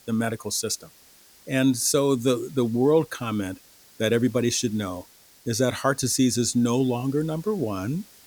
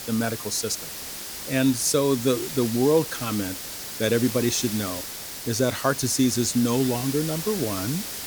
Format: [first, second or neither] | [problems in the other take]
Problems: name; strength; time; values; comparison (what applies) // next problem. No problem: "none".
first | hiss; loud; throughout; 7 dB below the speech; faint in the first